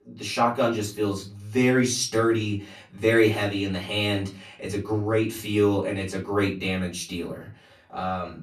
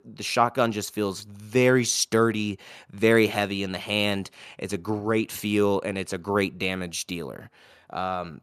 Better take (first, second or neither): second